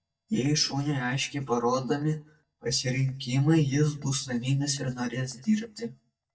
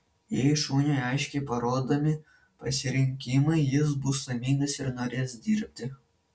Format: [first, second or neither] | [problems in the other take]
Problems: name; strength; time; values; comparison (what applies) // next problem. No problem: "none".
second | noise reduction (neural mask model DeepFilterNet 3)